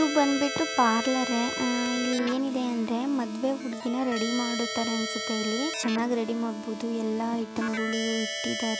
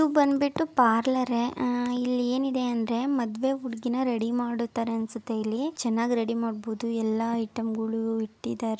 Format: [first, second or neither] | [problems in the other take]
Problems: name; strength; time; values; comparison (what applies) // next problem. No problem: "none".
second | background sound (Keyboard (musical)); 6 dB below the speech